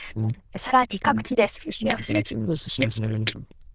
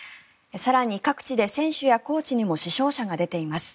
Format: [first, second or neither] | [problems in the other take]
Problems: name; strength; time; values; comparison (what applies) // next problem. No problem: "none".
second | noise reduction (neural diffusion model UNIVERSE++)